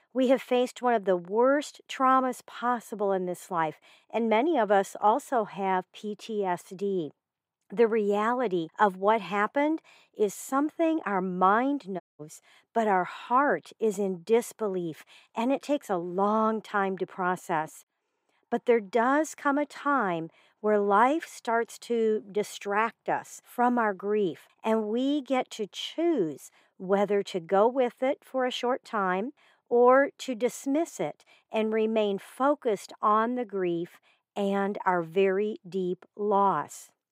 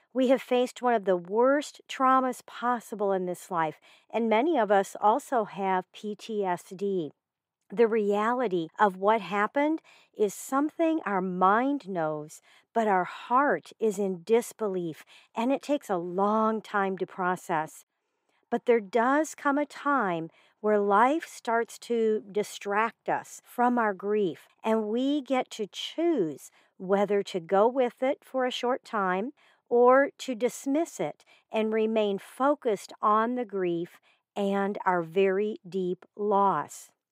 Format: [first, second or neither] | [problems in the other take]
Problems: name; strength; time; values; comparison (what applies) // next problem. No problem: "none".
second | audio cutting out; at 12 s